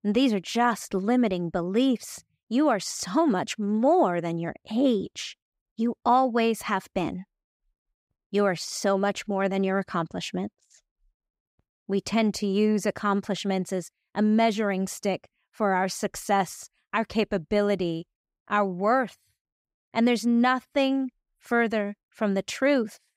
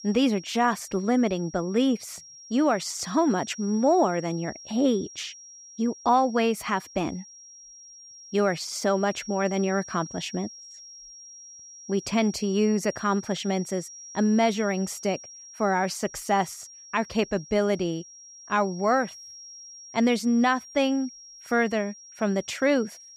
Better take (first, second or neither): first